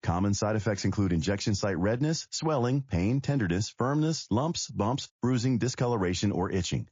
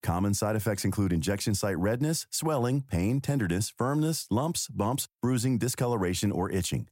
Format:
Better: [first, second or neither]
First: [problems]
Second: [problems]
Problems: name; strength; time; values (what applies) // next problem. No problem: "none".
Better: second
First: garbled, watery; slightly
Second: none